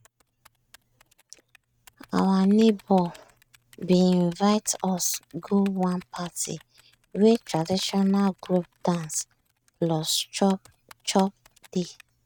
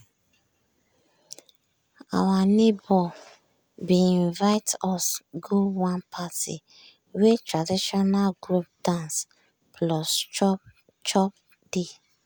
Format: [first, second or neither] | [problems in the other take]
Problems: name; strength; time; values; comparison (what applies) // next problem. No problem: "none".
second | noise reduction (neural mask model RNNoise)